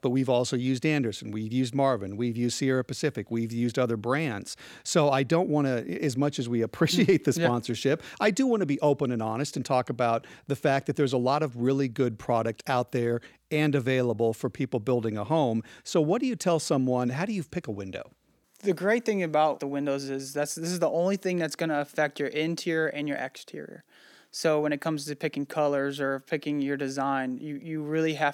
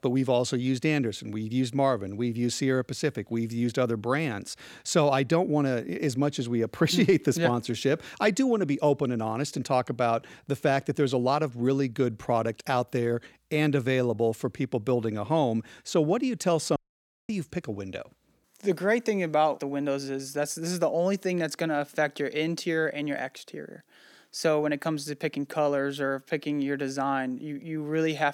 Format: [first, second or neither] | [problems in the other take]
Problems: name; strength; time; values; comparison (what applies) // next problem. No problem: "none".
first | audio cutting out; at 17 s for 0.5 s